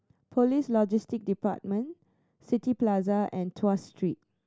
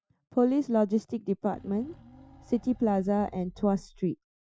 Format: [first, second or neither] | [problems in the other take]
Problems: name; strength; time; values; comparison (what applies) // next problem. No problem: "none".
first | noise reduction (classical method Wiener filter)